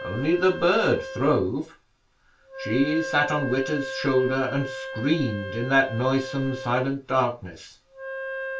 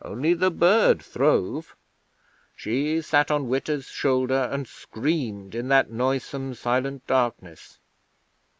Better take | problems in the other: second | background sound (Wind instrument, woodwind instrument); 10 dB below the speech // room echo; dies away in 0.2 s

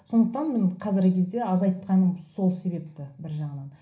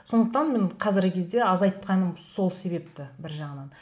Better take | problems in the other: second | room echo; dies away in 0.4 s

